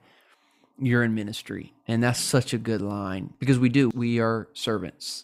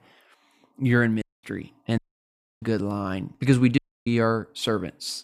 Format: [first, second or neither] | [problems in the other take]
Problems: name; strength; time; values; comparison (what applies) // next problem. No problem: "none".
first | audio cutting out; at 1 s, at 2 s for 0.5 s and at 4 s